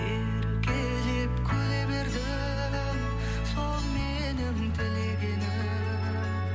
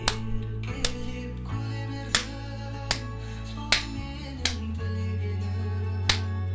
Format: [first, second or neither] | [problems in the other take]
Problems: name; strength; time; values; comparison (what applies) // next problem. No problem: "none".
first | background sound (Hands); 2 dB below the speech // room echo; dies away in 0.5 s